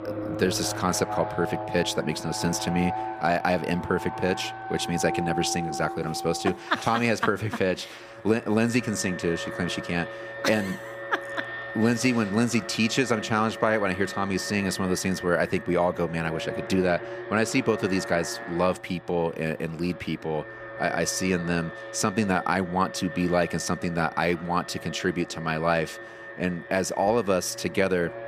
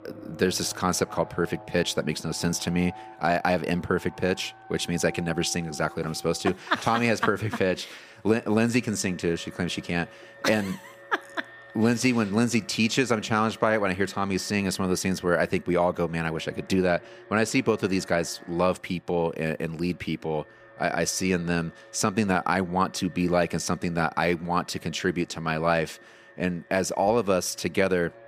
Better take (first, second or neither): second